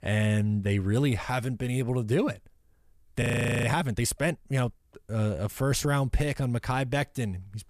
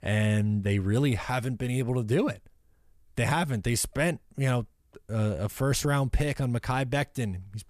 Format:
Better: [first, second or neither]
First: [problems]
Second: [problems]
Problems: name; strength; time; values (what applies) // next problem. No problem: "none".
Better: second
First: audio freezing; at 3 s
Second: none